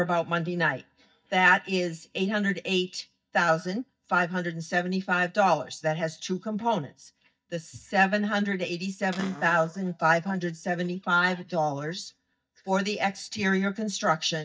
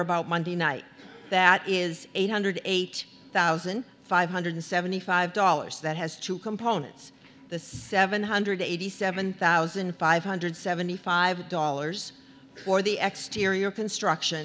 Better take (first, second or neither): second